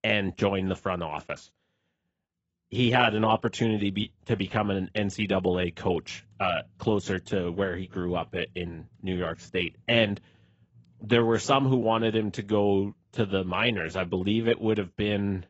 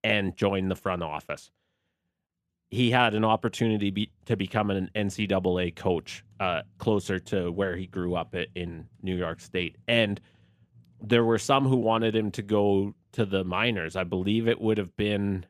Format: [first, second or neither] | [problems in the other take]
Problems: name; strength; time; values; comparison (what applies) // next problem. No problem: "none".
second | garbled, watery; badly; nothing above 7.5 kHz